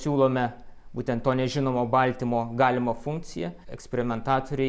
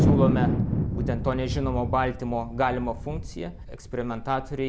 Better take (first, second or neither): first